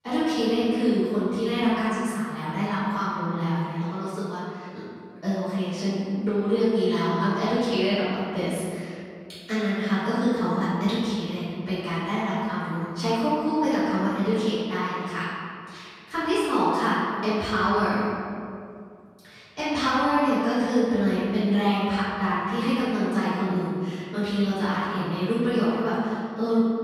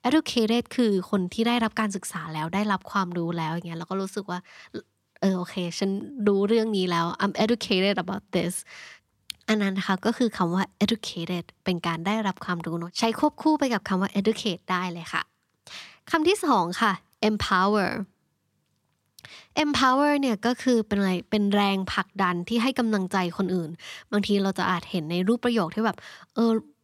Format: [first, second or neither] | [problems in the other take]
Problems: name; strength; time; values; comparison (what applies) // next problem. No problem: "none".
second | off-mic speech; far // room echo; strong; dies away in 2.1 s